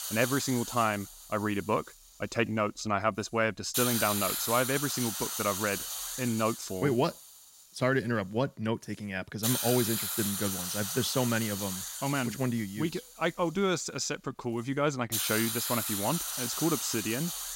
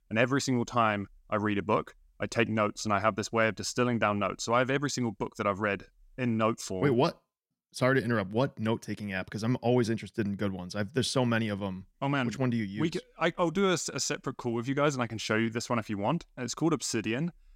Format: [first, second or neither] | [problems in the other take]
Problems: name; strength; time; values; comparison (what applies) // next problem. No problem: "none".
second | hiss; loud; throughout; 1 dB below the speech